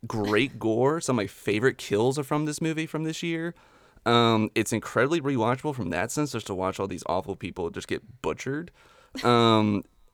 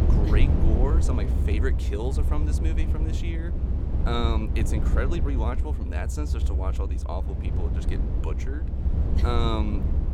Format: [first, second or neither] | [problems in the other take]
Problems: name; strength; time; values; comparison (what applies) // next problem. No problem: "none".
first | low rumble; loud; throughout; 5 dB below the speech